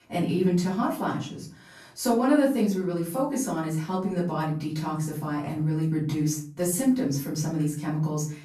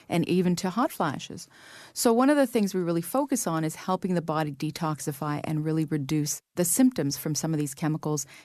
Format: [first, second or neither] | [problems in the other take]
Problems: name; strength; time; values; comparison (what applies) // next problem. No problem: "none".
second | off-mic speech; far // room echo; slight; dies away in 0.4 s